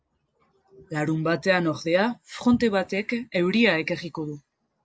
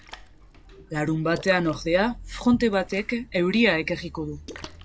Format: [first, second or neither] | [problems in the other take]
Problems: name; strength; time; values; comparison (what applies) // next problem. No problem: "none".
first | background sound (Splash, splatter); 18 dB below the speech